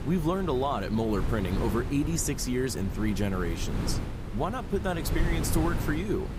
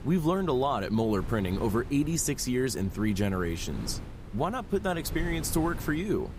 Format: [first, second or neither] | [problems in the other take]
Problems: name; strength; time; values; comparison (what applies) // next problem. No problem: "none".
second | wind noise on the microphone; heavy; 8 dB below the speech; occasional gusts in the second